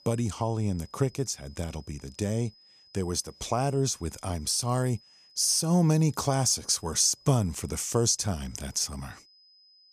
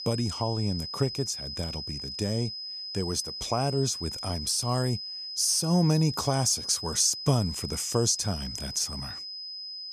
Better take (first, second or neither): first